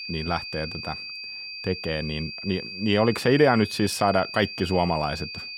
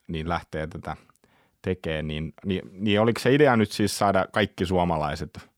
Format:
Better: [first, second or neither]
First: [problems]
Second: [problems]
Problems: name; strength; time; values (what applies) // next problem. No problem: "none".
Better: second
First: high-pitched whine; loud; throughout; 2.5 kHz, 9 dB below the speech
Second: none